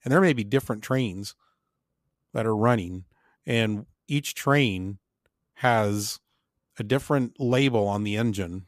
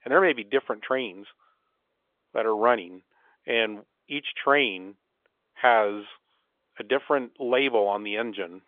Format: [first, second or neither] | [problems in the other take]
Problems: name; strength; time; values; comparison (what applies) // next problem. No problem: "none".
first | phone-call audio; nothing above 3.5 kHz